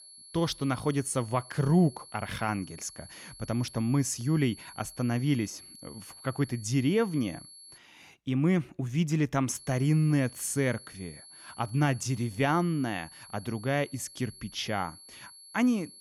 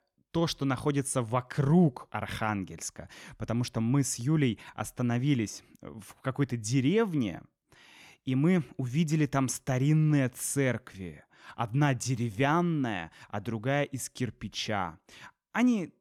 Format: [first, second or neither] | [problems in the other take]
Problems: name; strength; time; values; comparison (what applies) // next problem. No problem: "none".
second | high-pitched whine; noticeable; until 8 s and from 9.5 s on; 11 kHz, 20 dB below the speech